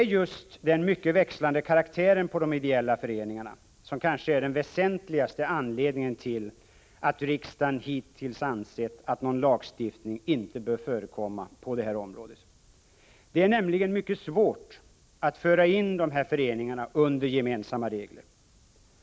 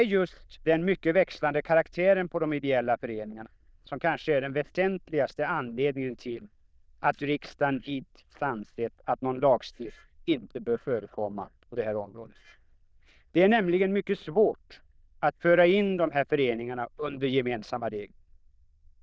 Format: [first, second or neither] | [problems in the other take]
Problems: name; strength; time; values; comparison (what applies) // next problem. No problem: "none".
first | noise reduction (neural diffusion model UNIVERSE++)